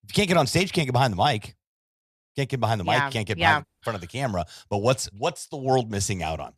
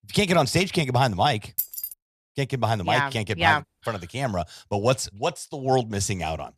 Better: first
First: none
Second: jangling keys; noticeable; at 1.5 s; peak 3 dB below the speech

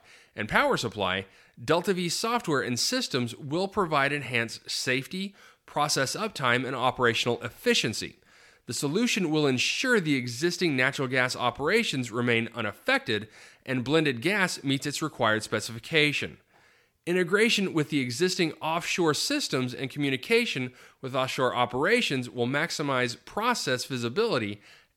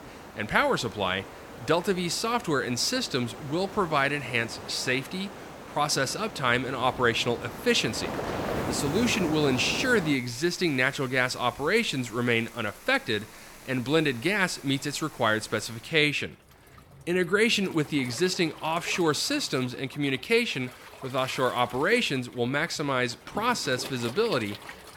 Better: first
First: none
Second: rain or running water; noticeable; throughout; 15 dB below the speech

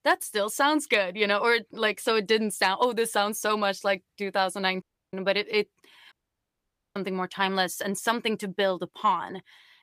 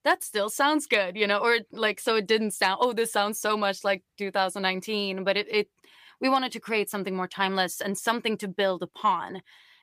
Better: second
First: audio cutting out; at 5 s and at 6 s for 1 s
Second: none

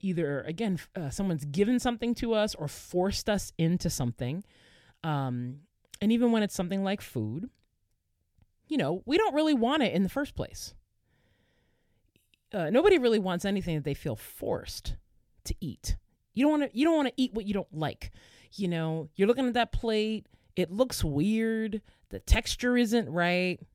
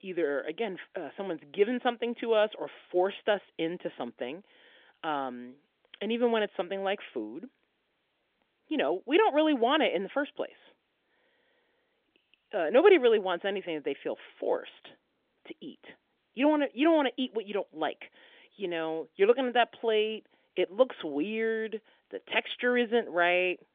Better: first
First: none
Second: phone-call audio; nothing above 3.5 kHz

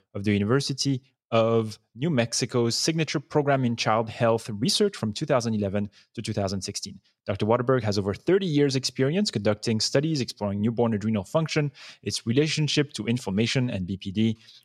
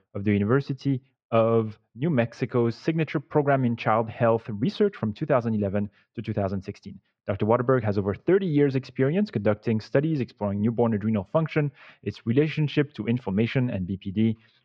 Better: first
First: none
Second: muffled; very; fading above 2.5 kHz

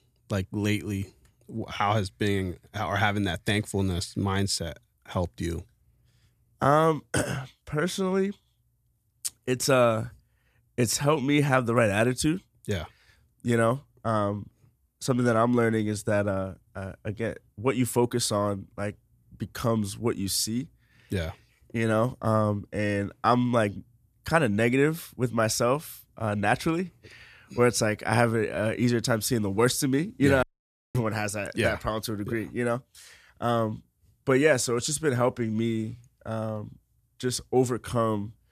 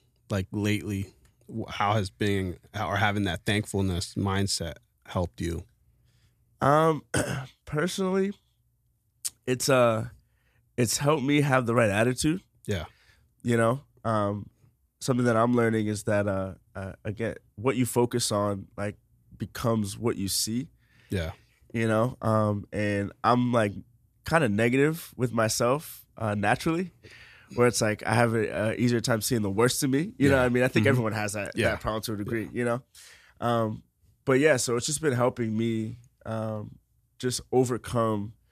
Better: second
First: audio cutting out; at 30 s for 0.5 s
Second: none

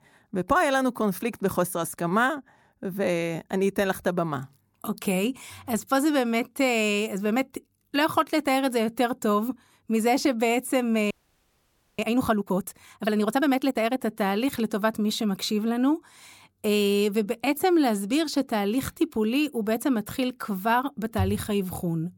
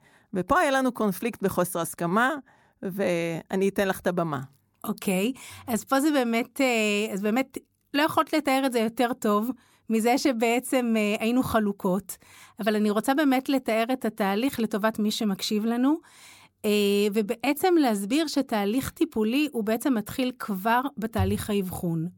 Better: second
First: audio freezing; at 11 s for 1 s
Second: none

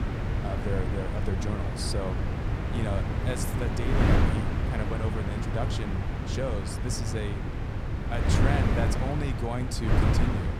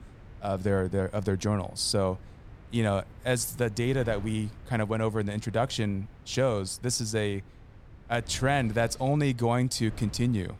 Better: second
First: wind noise on the microphone; heavy; 1 dB above the speech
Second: wind noise on the microphone; occasional gusts; 25 dB below the speech

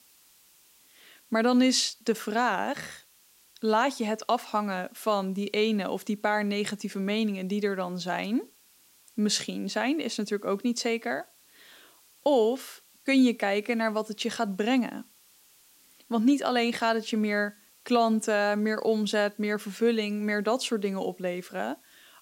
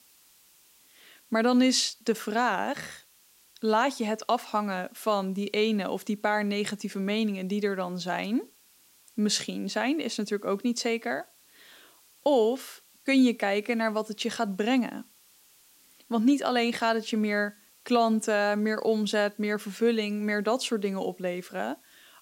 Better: neither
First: hiss; faint; throughout; 30 dB below the speech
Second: hiss; faint; throughout; 30 dB below the speech

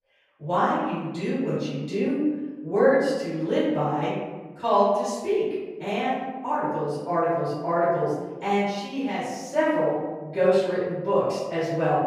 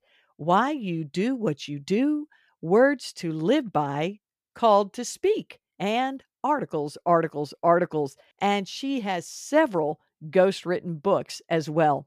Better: second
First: off-mic speech; far // room echo; strong; dies away in 1.2 s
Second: none

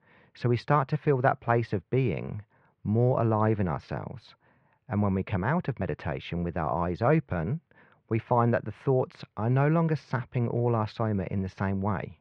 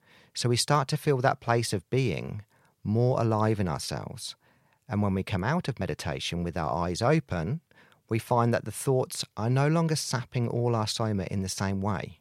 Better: second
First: muffled; very; fading above 2.5 kHz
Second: none

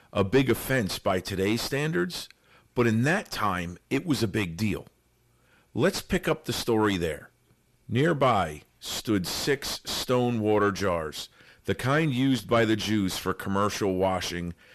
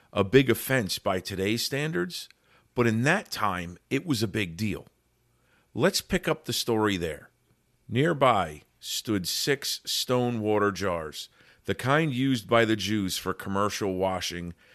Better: second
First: distortion; slight; 9 dB below the speech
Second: none

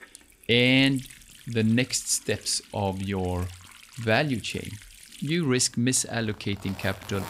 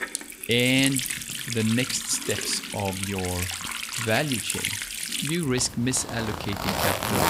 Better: first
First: household noises; faint; throughout; 20 dB below the speech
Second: household noises; loud; throughout; 3 dB below the speech

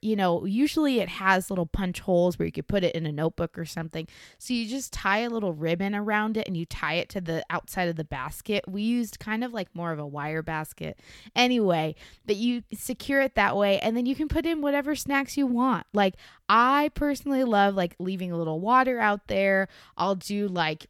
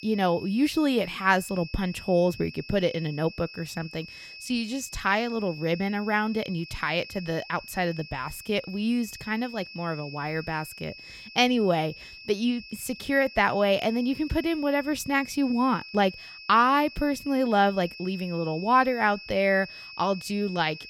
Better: first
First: none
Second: high-pitched whine; noticeable; throughout; 2.5 kHz, 15 dB below the speech

